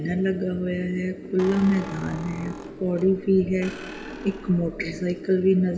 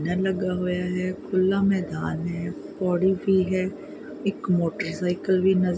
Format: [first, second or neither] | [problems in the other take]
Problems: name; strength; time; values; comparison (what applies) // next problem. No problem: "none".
second | background sound (Squeak); 17 dB below the speech // room echo; dies away in 1.7 s